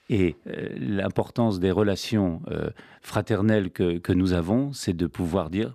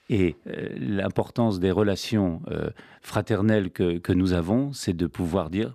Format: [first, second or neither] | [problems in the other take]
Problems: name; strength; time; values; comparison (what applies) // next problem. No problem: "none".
neither | none